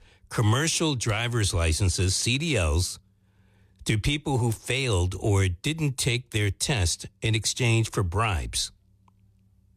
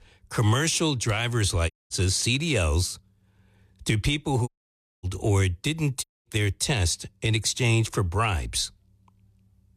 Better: first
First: none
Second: audio cutting out; at 1.5 s, at 4.5 s for 0.5 s and at 6 s

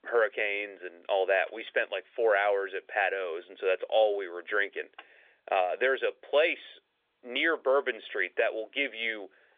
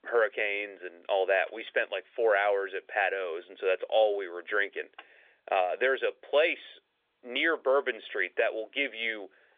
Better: neither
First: phone-call audio; nothing above 3.5 kHz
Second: phone-call audio; nothing above 3.5 kHz

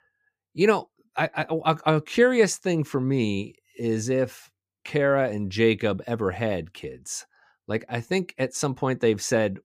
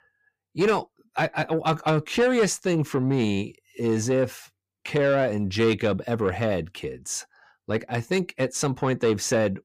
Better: first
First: none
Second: distortion; slight; 10 dB below the speech

